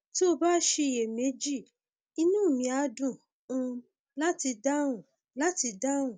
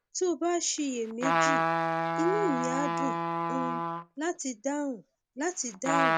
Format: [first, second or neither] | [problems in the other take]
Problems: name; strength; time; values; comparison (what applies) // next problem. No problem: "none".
first | background sound (Trumpet); 1 dB above the speech